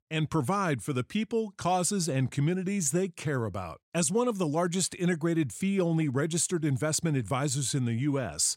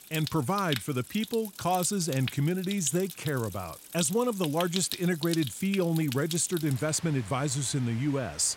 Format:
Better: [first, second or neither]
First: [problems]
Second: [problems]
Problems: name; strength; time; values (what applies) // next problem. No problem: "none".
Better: first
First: none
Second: rain or running water; noticeable; throughout; 10 dB below the speech